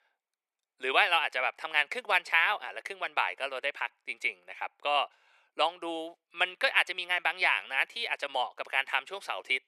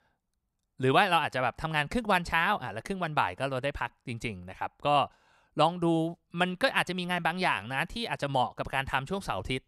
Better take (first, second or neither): second